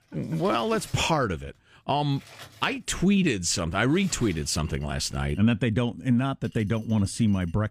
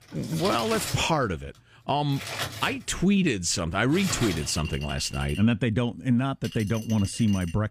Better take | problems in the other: first | household noises; loud; throughout; 9 dB below the speech; faint in the first

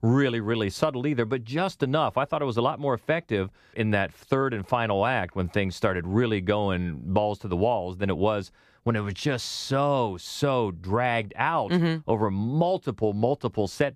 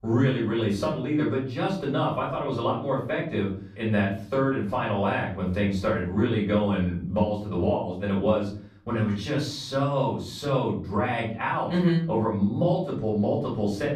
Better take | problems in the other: first | off-mic speech; far // room echo; noticeable; dies away in 0.5 s

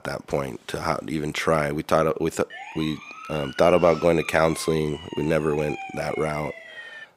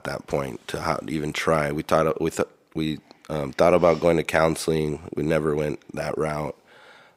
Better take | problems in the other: second | siren; faint; from 2.5 s on; peak 10 dB below the speech

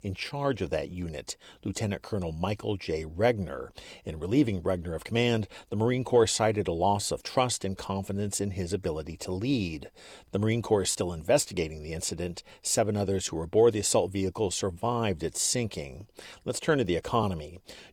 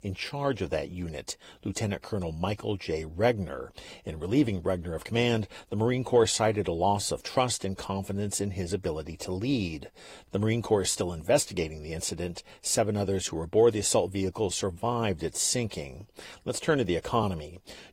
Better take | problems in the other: first | garbled, watery; slightly; nothing above 15.5 kHz

